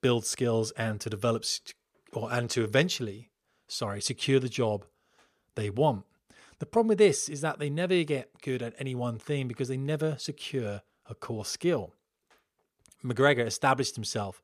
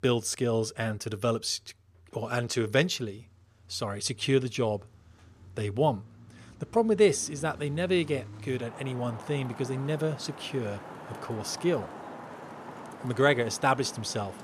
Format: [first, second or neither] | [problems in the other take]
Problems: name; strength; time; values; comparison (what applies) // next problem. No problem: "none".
first | traffic noise; noticeable; throughout; 15 dB below the speech